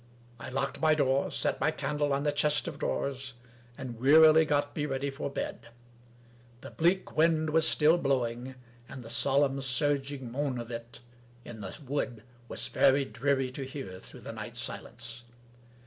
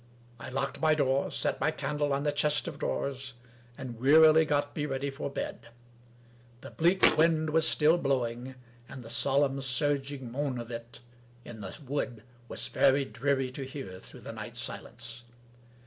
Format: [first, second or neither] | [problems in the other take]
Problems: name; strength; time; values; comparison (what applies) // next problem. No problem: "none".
first | background sound (Thump, thud); 1 dB above the speech